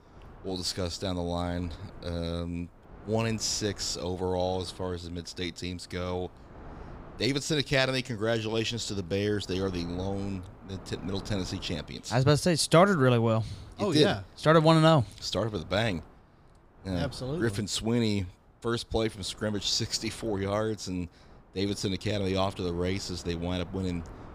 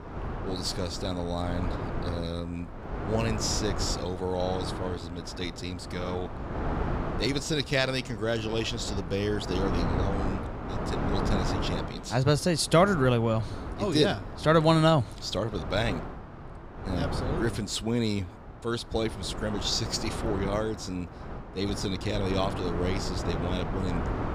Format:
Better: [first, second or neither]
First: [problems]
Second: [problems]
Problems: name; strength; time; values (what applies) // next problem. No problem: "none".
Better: first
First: wind noise on the microphone; occasional gusts; 25 dB below the speech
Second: wind noise on the microphone; heavy; 7 dB below the speech